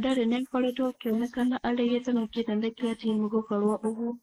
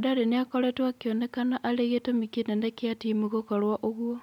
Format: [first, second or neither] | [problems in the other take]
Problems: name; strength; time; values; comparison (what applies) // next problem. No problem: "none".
second | noise reduction (neural mask model Resemble Enhance denoiser)